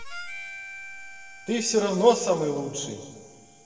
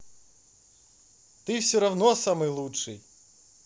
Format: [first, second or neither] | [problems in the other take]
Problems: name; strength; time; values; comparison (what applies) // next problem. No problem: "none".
second | background sound (Harmonica); 17 dB below the speech // room echo; dies away in 2.6 s